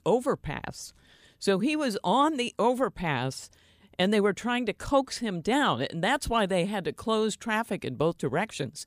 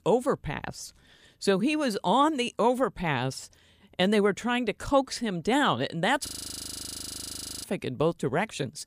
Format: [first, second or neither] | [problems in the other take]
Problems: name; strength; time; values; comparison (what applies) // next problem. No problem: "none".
first | audio freezing; at 6.5 s for 1.5 s